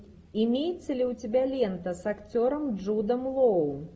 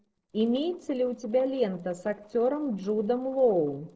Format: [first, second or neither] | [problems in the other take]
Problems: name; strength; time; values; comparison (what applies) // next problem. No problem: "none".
first | noise reduction (neural separator model SepFormer DNS4)